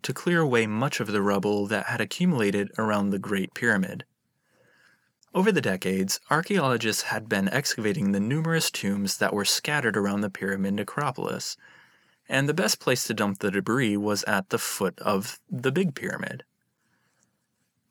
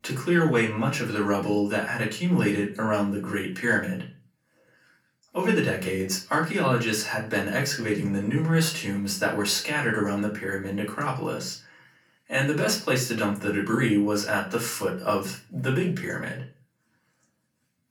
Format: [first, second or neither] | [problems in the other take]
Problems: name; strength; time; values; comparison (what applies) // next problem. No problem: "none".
first | off-mic speech; far // room echo; slight; dies away in 0.3 s